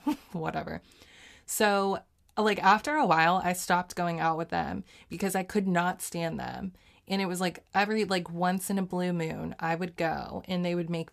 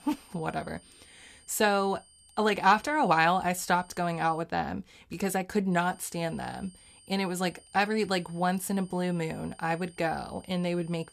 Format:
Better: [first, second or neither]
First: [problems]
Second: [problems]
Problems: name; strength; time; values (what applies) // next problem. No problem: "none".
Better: first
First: none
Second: high-pitched whine; faint; until 4.5 s and from 5.5 s on; 8.5 kHz, 25 dB below the speech